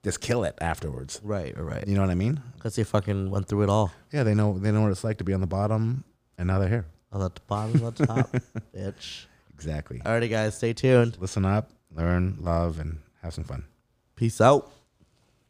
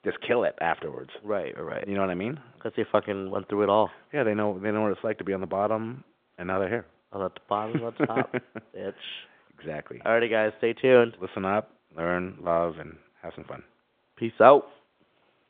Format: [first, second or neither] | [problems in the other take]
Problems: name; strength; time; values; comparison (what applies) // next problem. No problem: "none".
first | phone-call audio